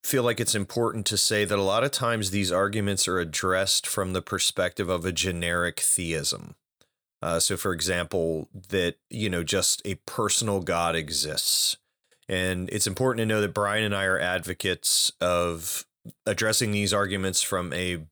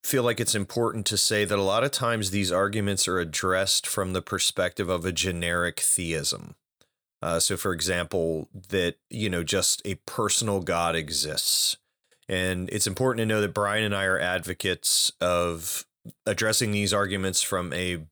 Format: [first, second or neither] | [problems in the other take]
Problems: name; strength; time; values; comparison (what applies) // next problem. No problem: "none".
neither | none